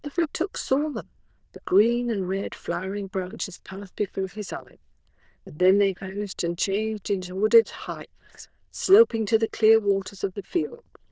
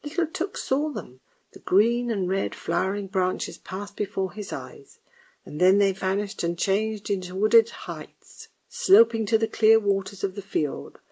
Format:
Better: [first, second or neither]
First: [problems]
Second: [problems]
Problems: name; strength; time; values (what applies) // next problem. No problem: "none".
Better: second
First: noise reduction (neural diffusion model UNIVERSE++)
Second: none